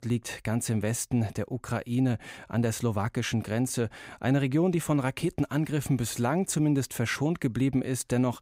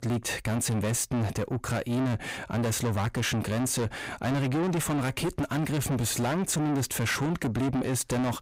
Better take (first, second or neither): first